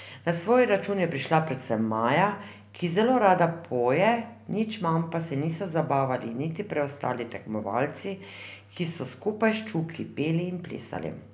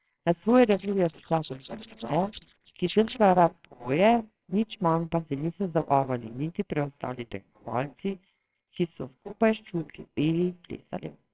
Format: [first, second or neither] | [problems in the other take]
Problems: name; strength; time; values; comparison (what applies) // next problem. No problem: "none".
first | noise reduction (neural separator model SepFormer WHAMR!)